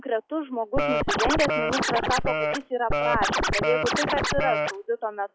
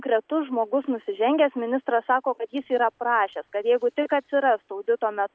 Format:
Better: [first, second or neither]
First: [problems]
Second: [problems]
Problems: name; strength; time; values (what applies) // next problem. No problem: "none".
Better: second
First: noise reduction (classical method log-MMSE)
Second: none